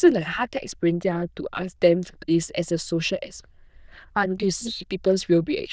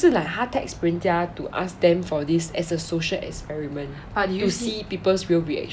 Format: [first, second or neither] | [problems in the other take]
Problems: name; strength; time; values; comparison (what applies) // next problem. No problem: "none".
second | noise reduction (neural diffusion model UNIVERSE++)